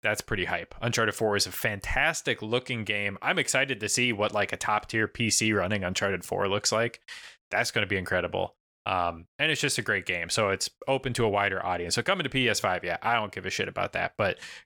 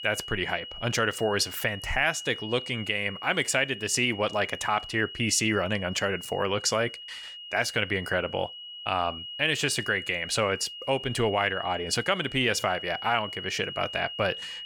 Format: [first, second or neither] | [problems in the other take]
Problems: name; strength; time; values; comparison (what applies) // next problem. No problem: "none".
first | high-pitched whine; noticeable; throughout; 3 kHz, 10 dB below the speech